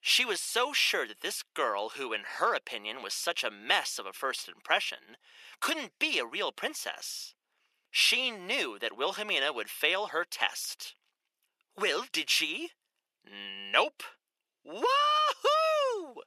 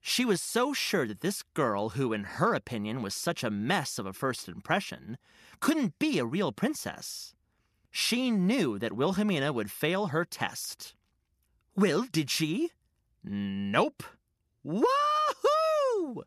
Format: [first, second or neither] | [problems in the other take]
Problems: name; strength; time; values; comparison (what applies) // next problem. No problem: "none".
second | thin; very; fading below 500 Hz